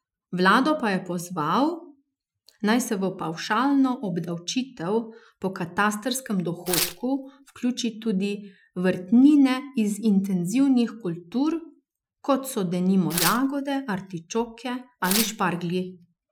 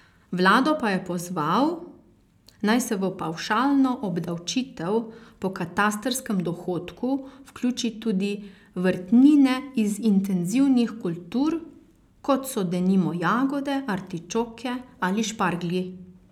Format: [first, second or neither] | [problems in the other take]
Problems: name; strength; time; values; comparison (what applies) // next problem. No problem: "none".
second | noise reduction (classical method Wiener filter)